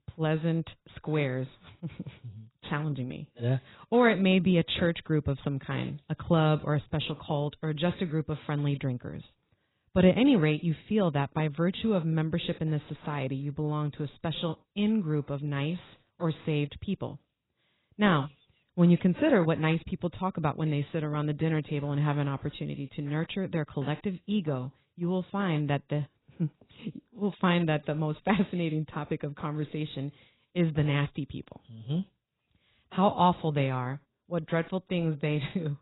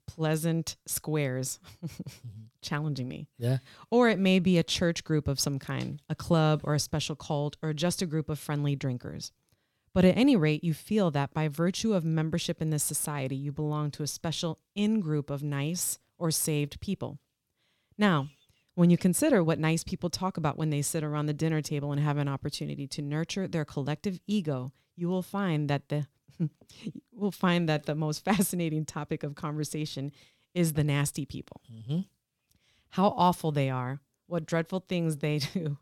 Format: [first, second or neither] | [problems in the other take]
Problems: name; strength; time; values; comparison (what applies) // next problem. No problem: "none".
second | garbled, watery; badly; nothing above 4 kHz